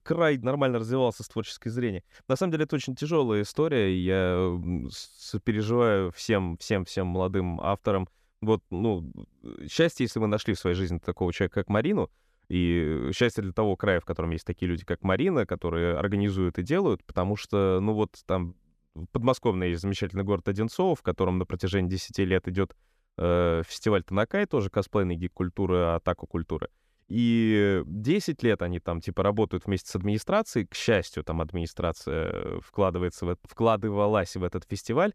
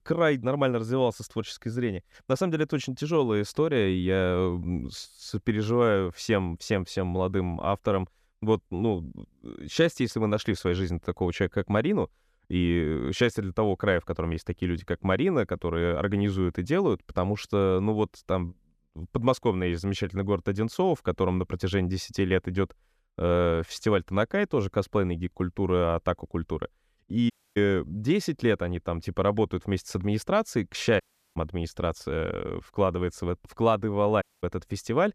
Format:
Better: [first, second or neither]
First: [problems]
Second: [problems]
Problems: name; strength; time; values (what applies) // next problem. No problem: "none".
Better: first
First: none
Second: audio cutting out; at 27 s, at 31 s and at 34 s